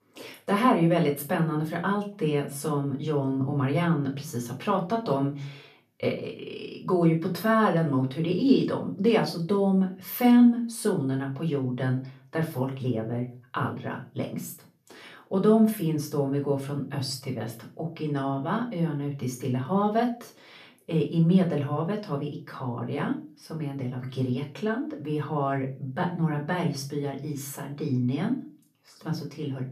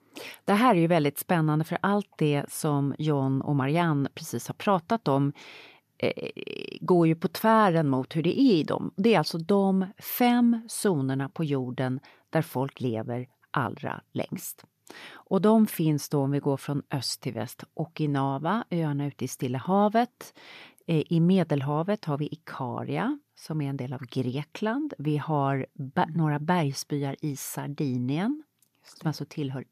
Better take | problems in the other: second | off-mic speech; far // room echo; slight; dies away in 0.3 s

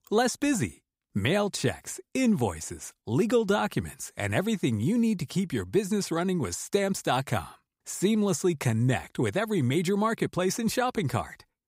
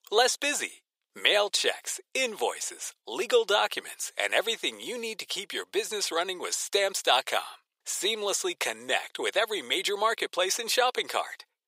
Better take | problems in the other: first | thin; very; fading below 500 Hz

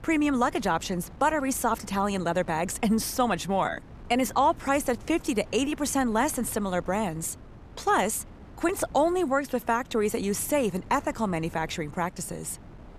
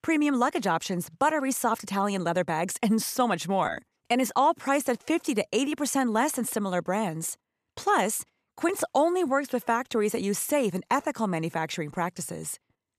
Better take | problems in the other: second | wind noise on the microphone; occasional gusts; 25 dB below the speech

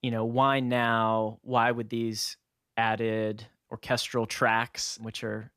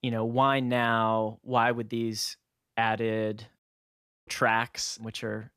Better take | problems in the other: first | audio cutting out; at 3.5 s for 0.5 s

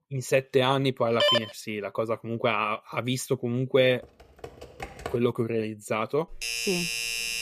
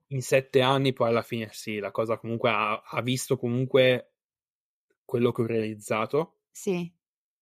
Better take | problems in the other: second | phone ringing; loud; at 1 s; peak 5 dB above the speech // keyboard typing; faint; from 4 to 5 s; peak 10 dB below the speech // doorbell; noticeable; from 6.5 s on; peak level with the speech

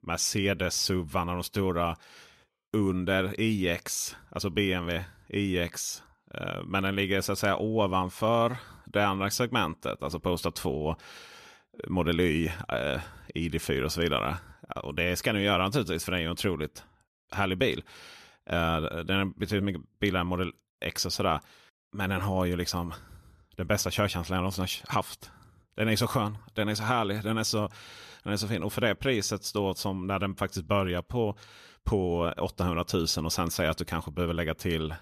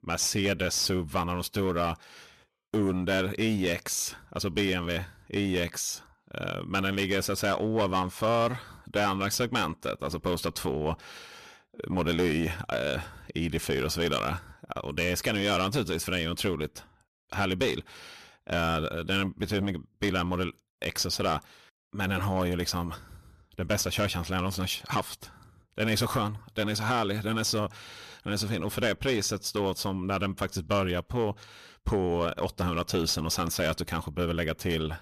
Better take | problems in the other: first | distortion; slight; 6% of the sound clipped

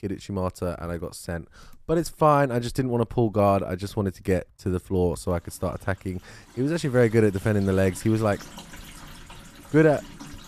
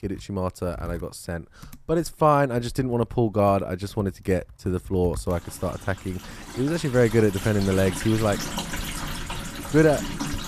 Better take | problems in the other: first | household noises; loud; throughout; 10 dB below the speech; faint in the first

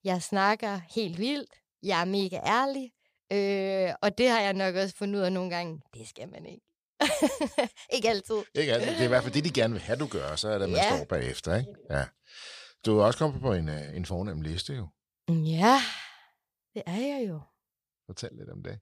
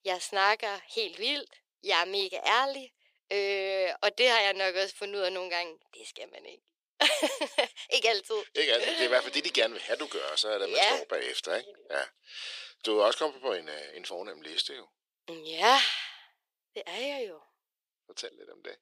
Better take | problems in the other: first | thin; very; fading below 350 Hz

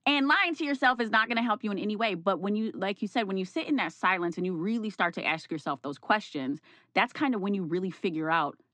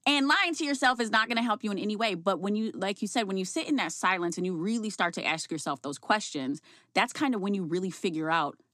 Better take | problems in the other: second | muffled; slightly; fading above 2.5 kHz

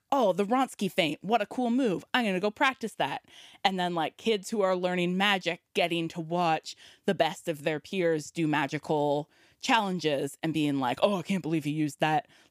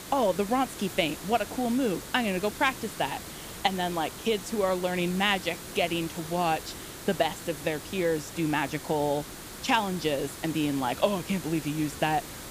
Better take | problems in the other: first | hiss; noticeable; throughout; 10 dB below the speech

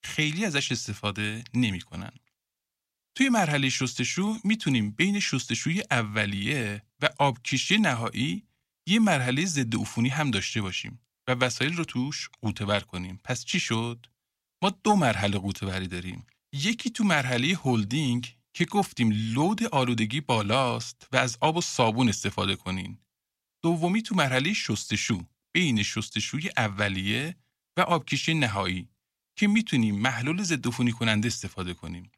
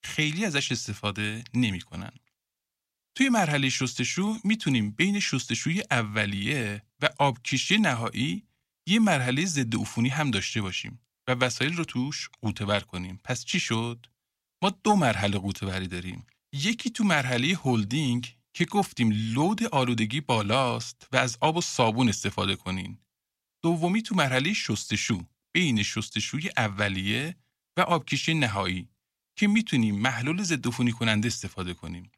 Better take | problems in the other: neither | none

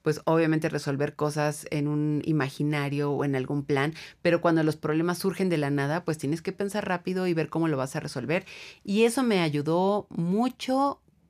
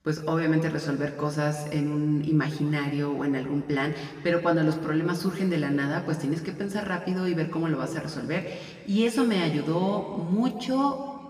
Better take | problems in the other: first | room echo; slight; dies away in 2 s // off-mic speech; somewhat distant

